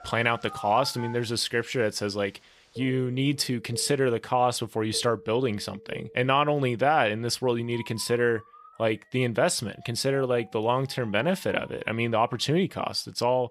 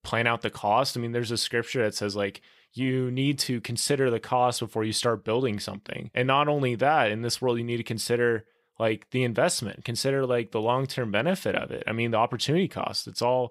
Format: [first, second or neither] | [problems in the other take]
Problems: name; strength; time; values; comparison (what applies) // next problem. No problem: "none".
second | alarms or sirens; faint; throughout; 20 dB below the speech